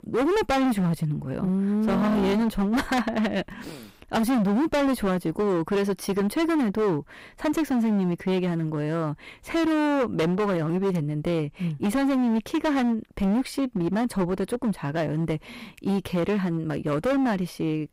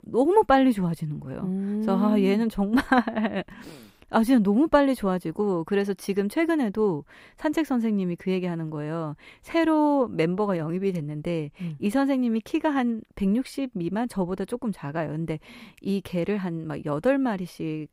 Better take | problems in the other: second | distortion; heavy; 22% of the sound clipped

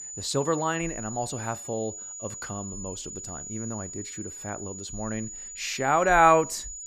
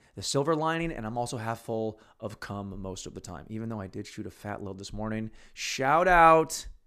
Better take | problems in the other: second | high-pitched whine; loud; throughout; 7 kHz, 10 dB below the speech

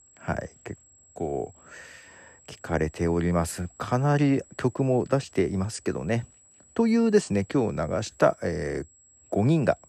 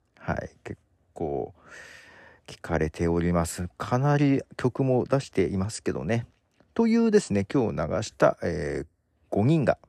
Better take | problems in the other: second | high-pitched whine; faint; throughout; 7.5 kHz, 30 dB below the speech

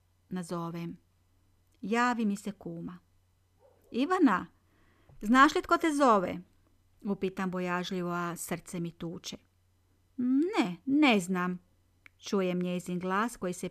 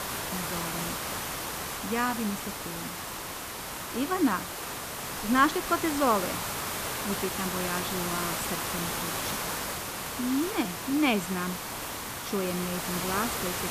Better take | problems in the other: first | hiss; loud; throughout; 2 dB below the speech

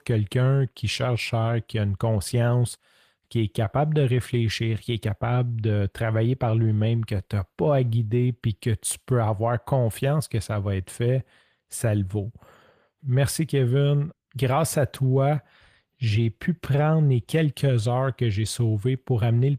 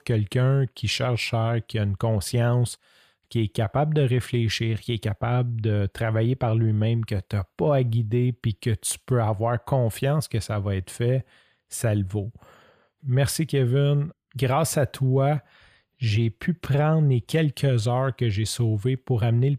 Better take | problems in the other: second | garbled, watery; slightly; nothing above 14.5 kHz

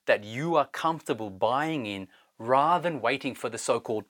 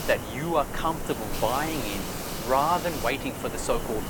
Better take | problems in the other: first | hiss; loud; throughout; 5 dB below the speech

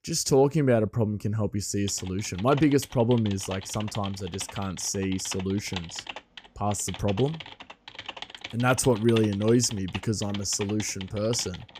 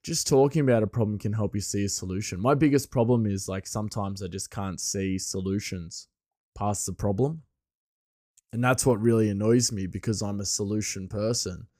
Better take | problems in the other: second | keyboard typing; noticeable; from 2 s on; peak 10 dB below the speech

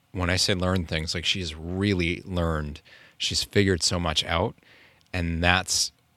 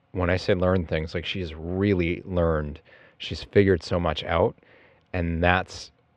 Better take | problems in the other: first | muffled; very; fading above 2 kHz

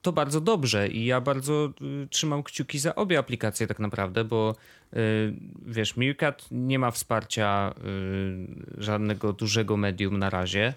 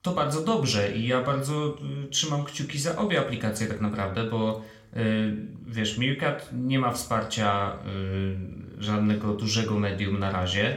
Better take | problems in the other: first | room echo; very slight; dies away in 0.4 s

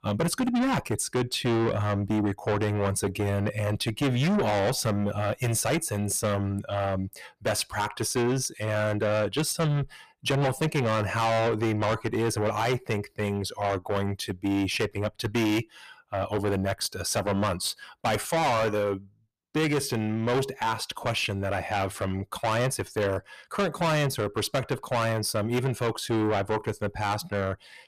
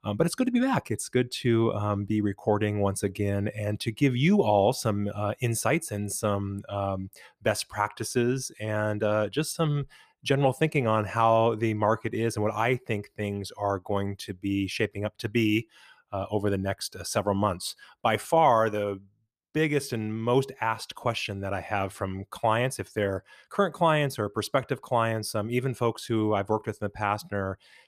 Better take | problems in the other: second | distortion; heavy; 5 dB below the speech

